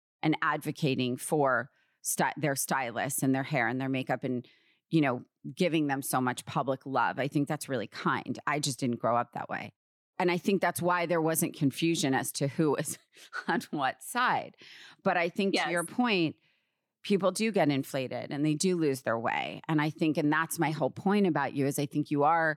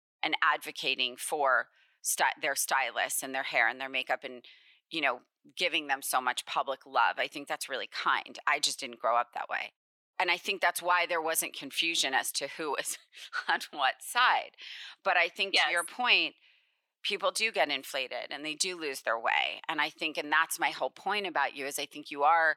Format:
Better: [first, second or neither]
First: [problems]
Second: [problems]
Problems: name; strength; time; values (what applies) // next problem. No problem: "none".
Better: first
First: none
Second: thin; very; fading below 750 Hz